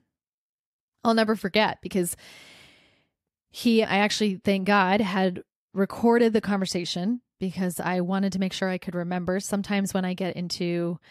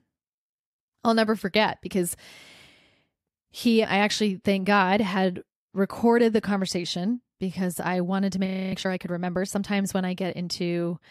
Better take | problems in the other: first | audio freezing; at 8.5 s

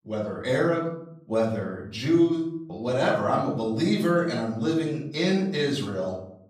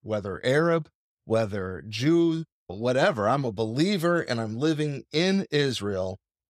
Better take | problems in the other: second | off-mic speech; far // room echo; noticeable; dies away in 0.6 s

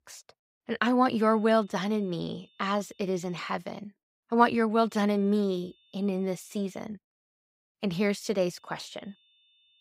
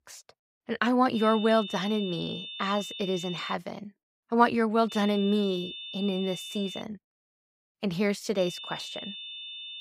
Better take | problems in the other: first | high-pitched whine; loud; from 1 to 3.5 s, from 5 to 7 s and from 8.5 s on; 3.5 kHz, 10 dB below the speech; faint in the first

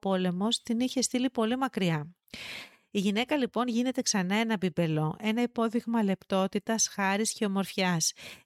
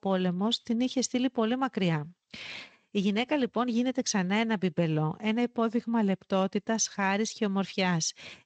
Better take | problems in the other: first | garbled, watery; slightly

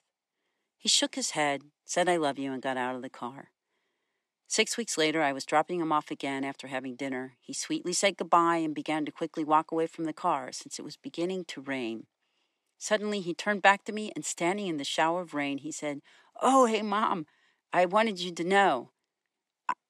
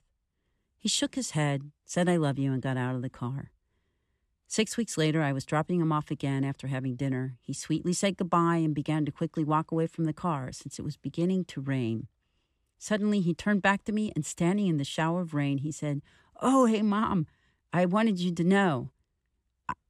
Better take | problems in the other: second | thin; somewhat; fading below 300 Hz

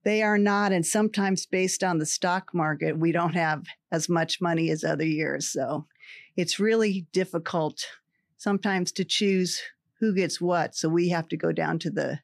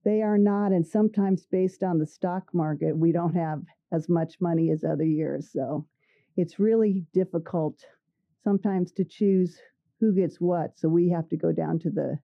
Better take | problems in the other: first | muffled; very; fading above 1.5 kHz

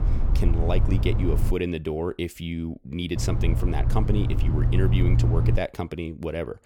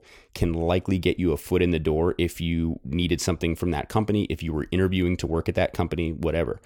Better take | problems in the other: second | low rumble; loud; until 1.5 s and from 3 to 5.5 s; 6 dB below the speech

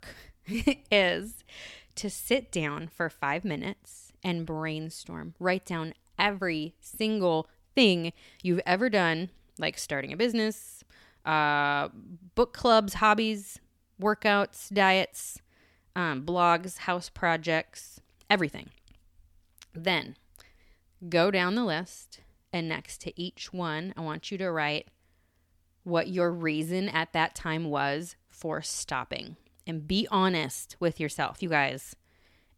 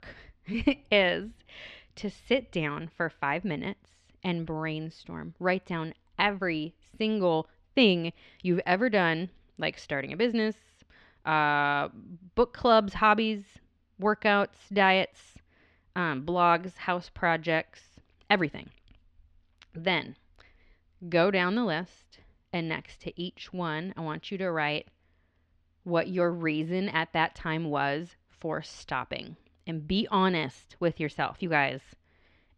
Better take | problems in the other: first | muffled; very slightly; fading above 3.5 kHz

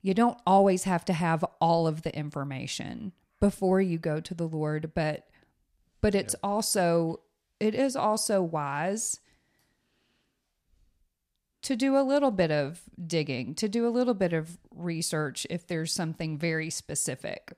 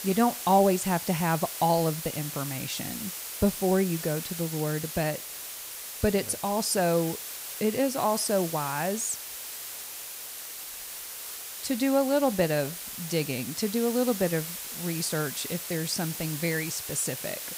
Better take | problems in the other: first | hiss; loud; throughout; 7 dB below the speech

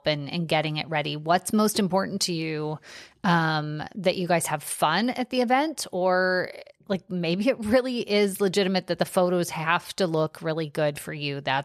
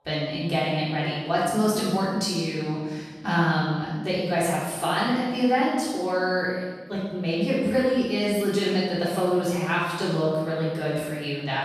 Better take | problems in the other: first | off-mic speech; far // room echo; strong; dies away in 1.2 s

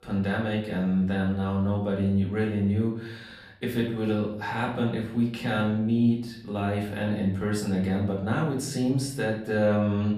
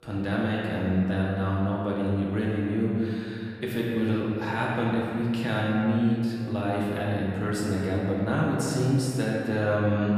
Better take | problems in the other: first | room echo; strong; dies away in 2.3 s; slight in the first // off-mic speech; far; far in the first

